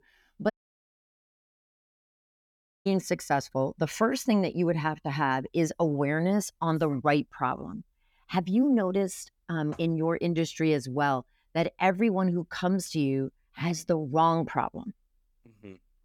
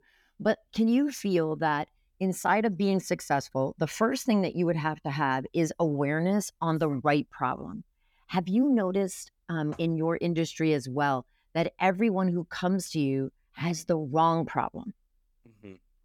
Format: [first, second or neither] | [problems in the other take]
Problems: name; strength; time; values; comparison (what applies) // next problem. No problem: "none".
second | audio cutting out; at 0.5 s for 2.5 s